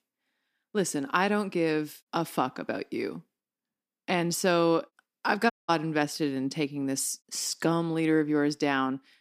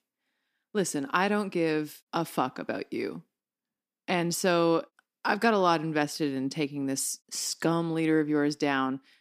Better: second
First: audio cutting out; at 5.5 s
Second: none

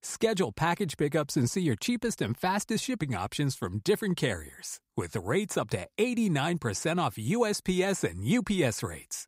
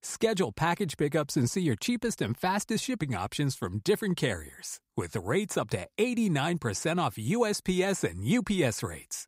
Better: neither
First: none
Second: none

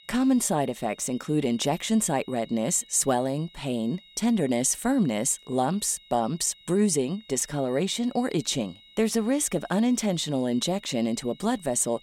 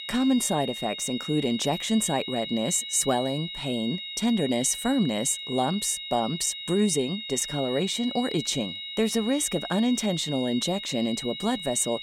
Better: first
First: high-pitched whine; faint; throughout; 4 kHz, 25 dB below the speech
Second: high-pitched whine; loud; throughout; 4 kHz, 7 dB below the speech

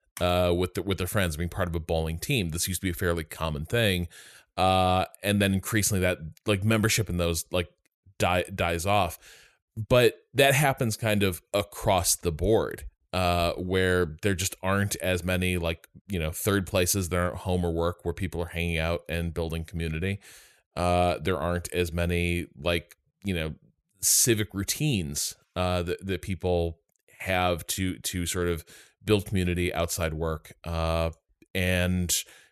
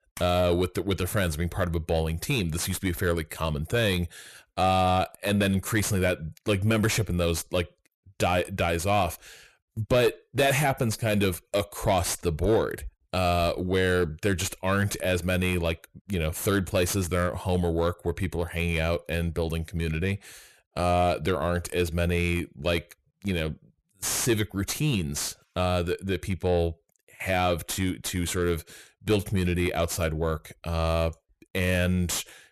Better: first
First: none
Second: distortion; slight; 10 dB below the speech

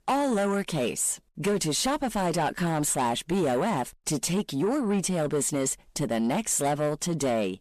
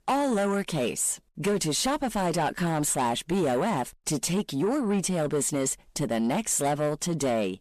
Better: neither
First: distortion; slight; 10 dB below the speech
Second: distortion; slight; 10 dB below the speech

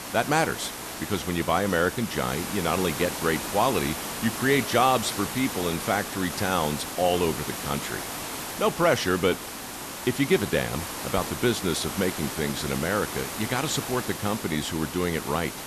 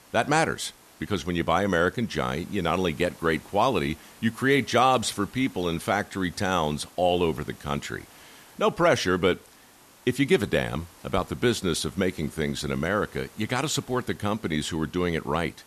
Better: second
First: hiss; loud; throughout; 6 dB below the speech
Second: hiss; faint; throughout; 25 dB below the speech

